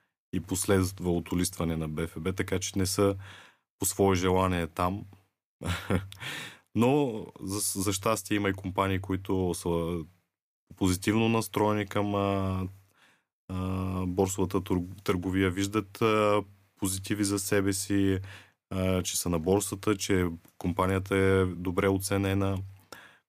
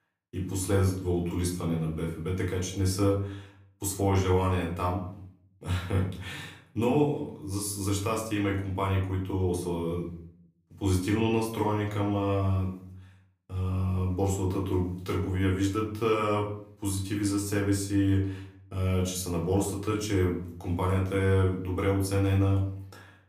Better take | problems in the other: first | off-mic speech; far // room echo; slight; dies away in 0.5 s

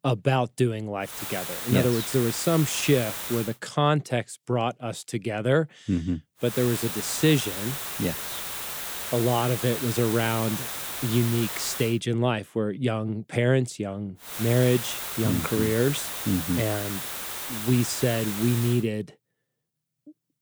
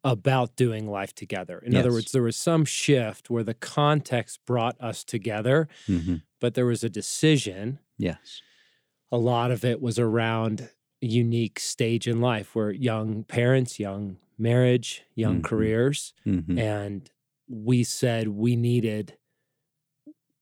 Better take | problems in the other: second | hiss; loud; from 1 to 3.5 s, from 6.5 to 12 s and from 14 to 19 s; 5 dB below the speech

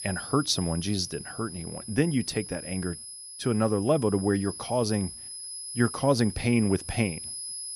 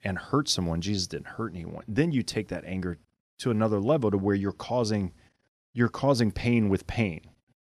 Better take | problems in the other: second | high-pitched whine; loud; throughout; 10.5 kHz, 10 dB below the speech

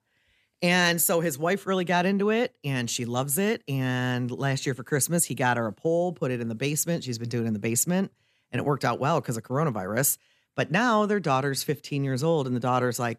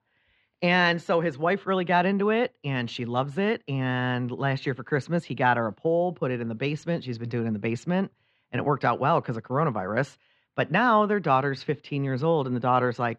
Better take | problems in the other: first | muffled; very; fading above 3.5 kHz

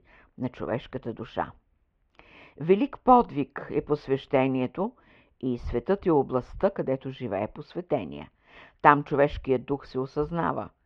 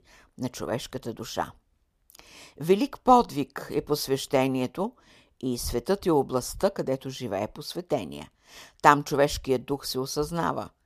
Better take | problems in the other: second | muffled; very; fading above 2.5 kHz

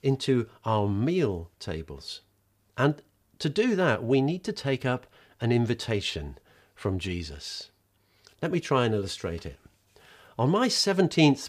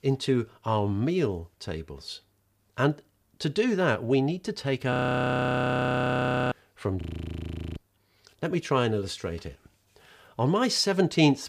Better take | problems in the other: first | audio freezing; at 5 s for 1.5 s and at 7 s for 1 s

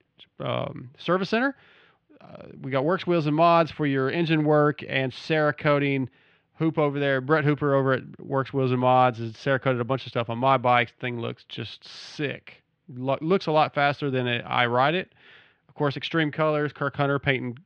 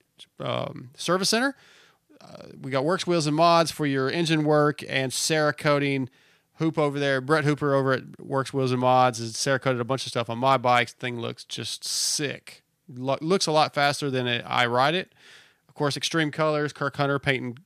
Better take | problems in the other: second | muffled; very; fading above 3 kHz

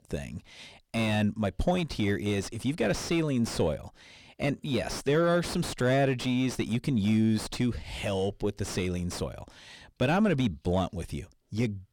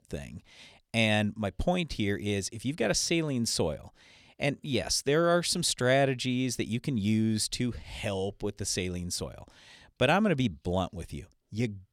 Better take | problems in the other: second | distortion; heavy; 6 dB below the speech

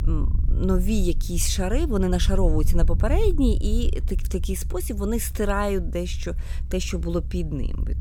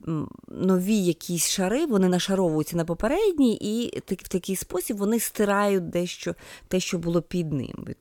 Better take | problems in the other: second | low rumble; noticeable; throughout; 15 dB below the speech

